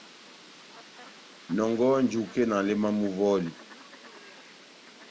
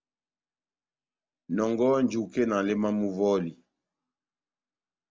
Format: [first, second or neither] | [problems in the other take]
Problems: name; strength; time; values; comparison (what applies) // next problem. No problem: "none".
second | background sound (Fowl); 20 dB below the speech